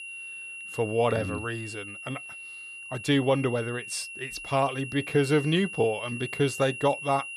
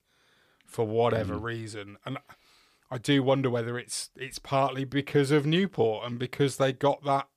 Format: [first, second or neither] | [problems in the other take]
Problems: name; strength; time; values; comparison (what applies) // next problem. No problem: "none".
second | high-pitched whine; loud; throughout; 2.5 kHz, 10 dB below the speech